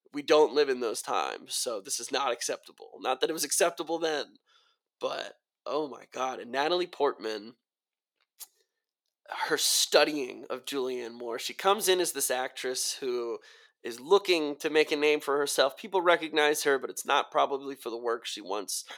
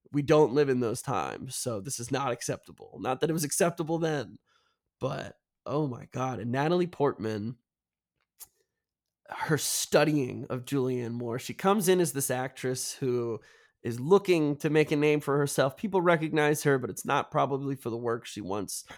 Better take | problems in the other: second | thin; somewhat; fading below 400 Hz

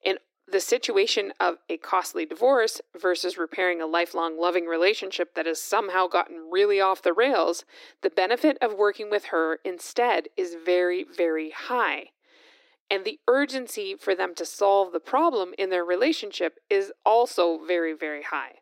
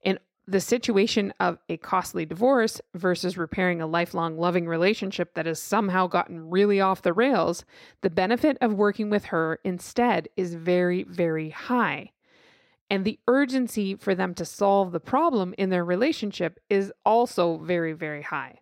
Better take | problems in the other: second | thin; somewhat; fading below 300 Hz

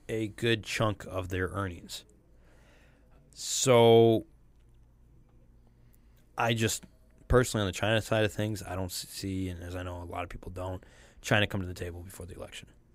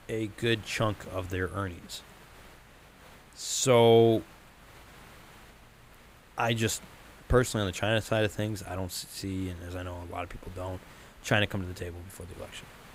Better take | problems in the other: first | hiss; faint; throughout; 25 dB below the speech

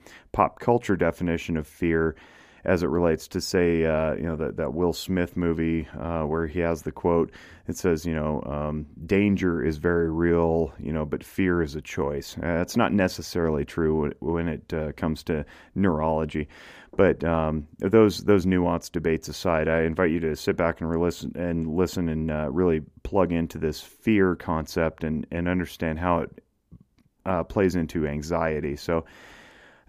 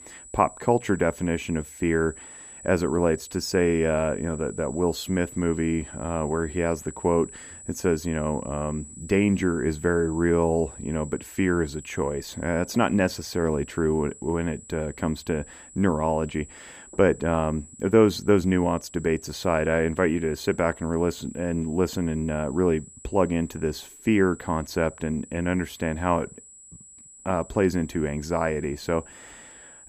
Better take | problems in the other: first | high-pitched whine; noticeable; throughout; 8 kHz, 20 dB below the speech

